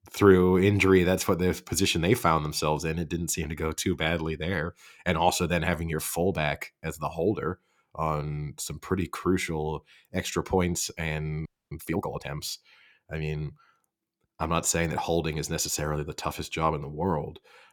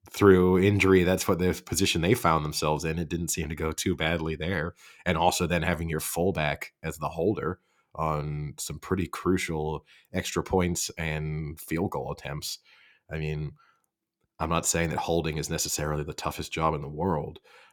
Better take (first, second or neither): second